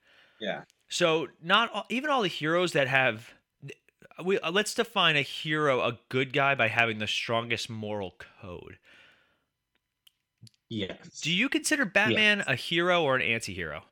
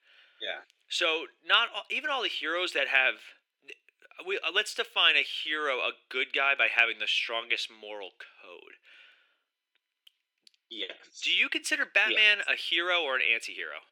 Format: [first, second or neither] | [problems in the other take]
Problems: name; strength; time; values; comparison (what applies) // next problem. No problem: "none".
first | thin; very; fading below 350 Hz